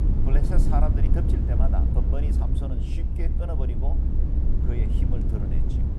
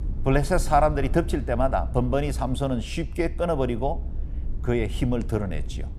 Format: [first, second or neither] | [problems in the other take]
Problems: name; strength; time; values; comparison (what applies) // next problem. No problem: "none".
second | low rumble; loud; throughout; 1 dB below the speech; faint in the second